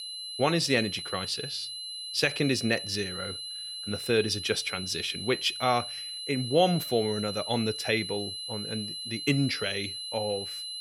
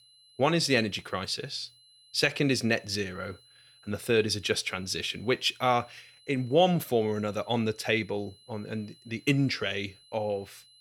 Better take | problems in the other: second | high-pitched whine; loud; throughout; 4 kHz, 6 dB below the speech; faint in the second

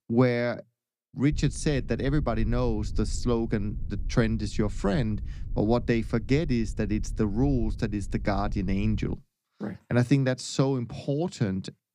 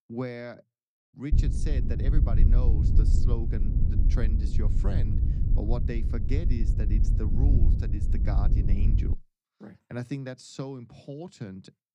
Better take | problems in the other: first | low rumble; loud; from 1.5 to 9 s; 2 dB below the speech; faint in the first

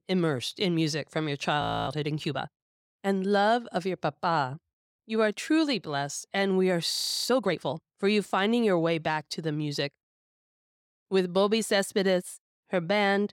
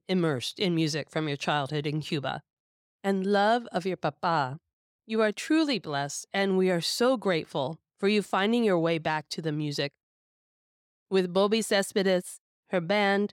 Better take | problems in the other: second | audio freezing; at 1.5 s and at 7 s

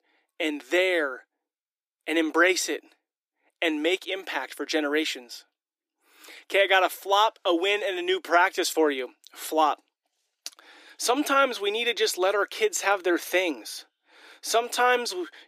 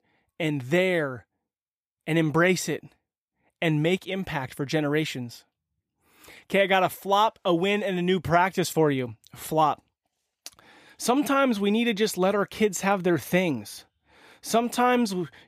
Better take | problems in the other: second | thin; somewhat; fading below 300 Hz

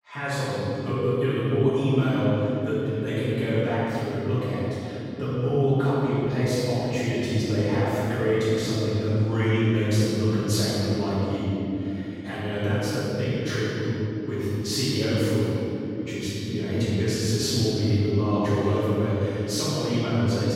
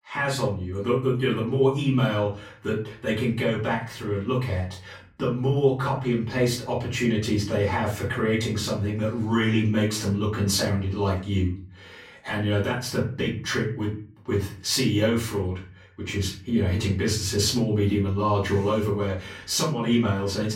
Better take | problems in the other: second | room echo; strong; dies away in 3 s; slight in the second // off-mic speech; far; far in the second

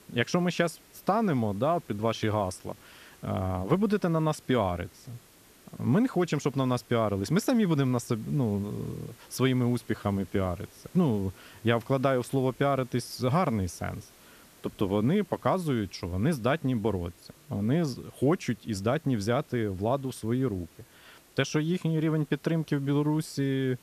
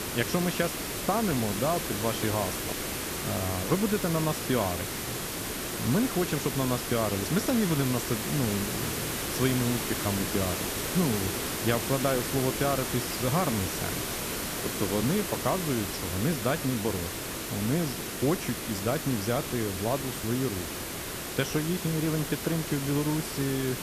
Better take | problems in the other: first | hiss; loud; throughout; 2 dB below the speech; faint in the first

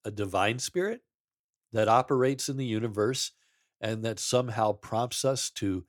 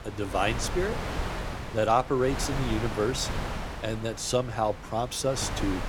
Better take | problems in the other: first | wind noise on the microphone; heavy; 8 dB below the speech

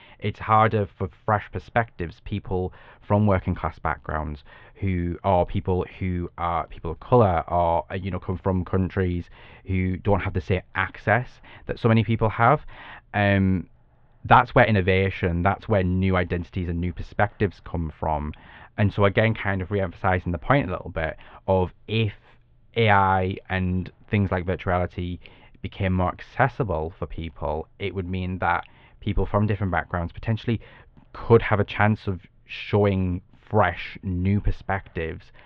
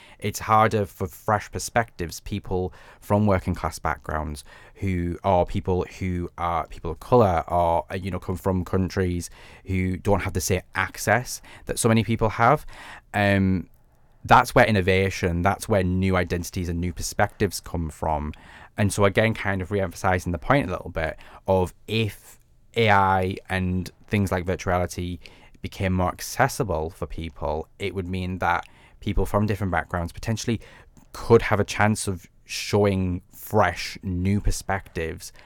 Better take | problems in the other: second | muffled; very; fading above 3.5 kHz

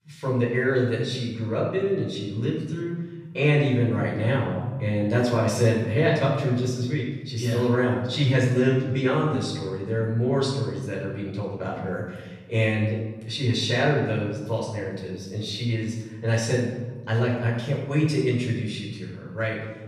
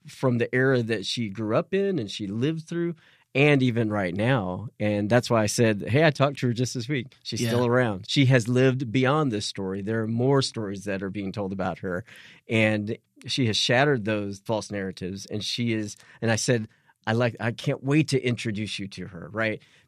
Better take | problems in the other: second | off-mic speech; far // room echo; noticeable; dies away in 1.2 s

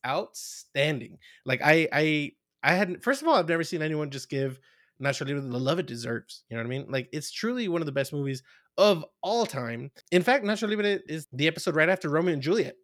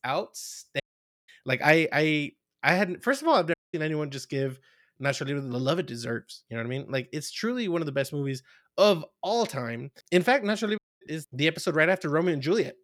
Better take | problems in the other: first | audio cutting out; at 1 s, at 3.5 s and at 11 s

